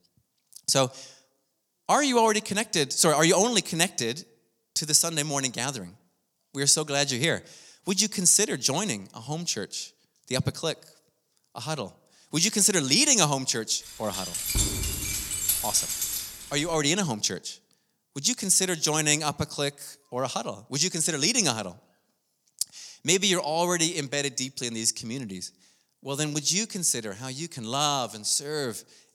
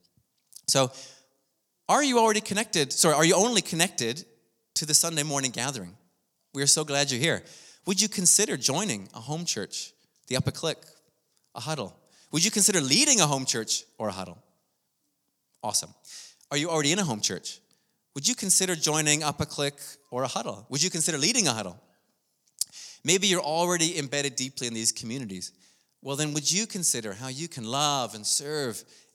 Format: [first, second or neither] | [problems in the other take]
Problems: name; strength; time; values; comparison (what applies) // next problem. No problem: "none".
second | jangling keys; loud; from 14 to 17 s; peak 1 dB above the speech